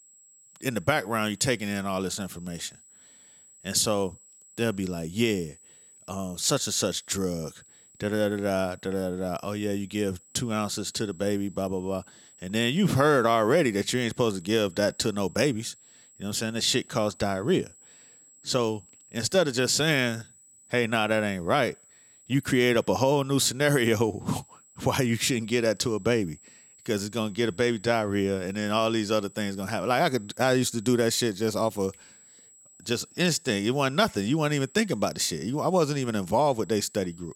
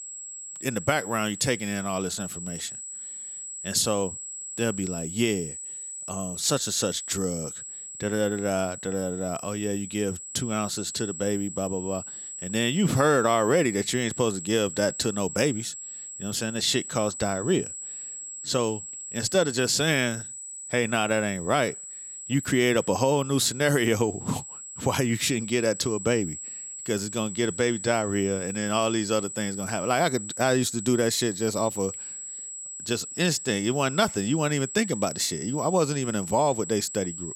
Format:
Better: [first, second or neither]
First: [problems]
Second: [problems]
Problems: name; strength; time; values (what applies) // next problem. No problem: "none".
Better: first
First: high-pitched whine; faint; throughout; 8 kHz, 25 dB below the speech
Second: high-pitched whine; loud; throughout; 8 kHz, 9 dB below the speech